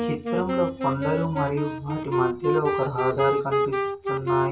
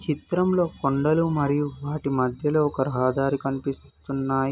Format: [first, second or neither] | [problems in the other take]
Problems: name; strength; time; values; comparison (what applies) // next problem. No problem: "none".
second | background sound (Wind instrument, woodwind instrument); 1 dB above the speech // room echo; dies away in 0.2 s